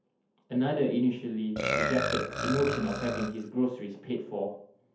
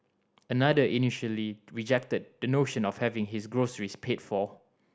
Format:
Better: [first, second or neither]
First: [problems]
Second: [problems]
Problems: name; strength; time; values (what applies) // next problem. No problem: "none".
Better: second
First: background sound (Burping, eructation); 5 dB below the speech // room echo; dies away in 0.5 s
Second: none